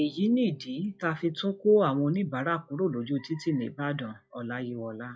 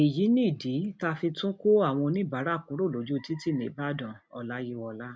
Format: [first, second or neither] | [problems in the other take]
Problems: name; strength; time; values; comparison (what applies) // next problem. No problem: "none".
second | noise reduction (classical method log-MMSE)